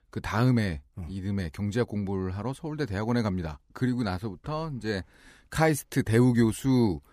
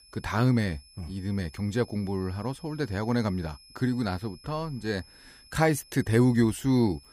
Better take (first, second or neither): first